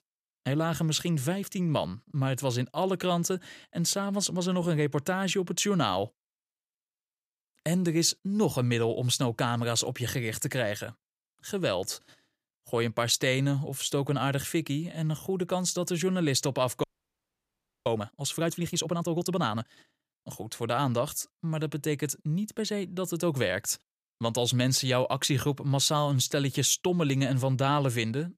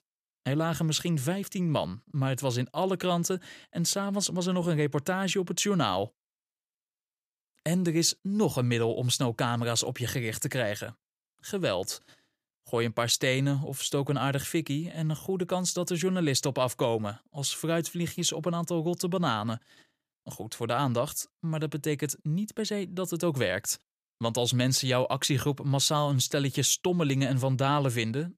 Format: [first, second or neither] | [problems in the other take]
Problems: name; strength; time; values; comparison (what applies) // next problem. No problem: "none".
second | audio freezing; at 17 s for 1 s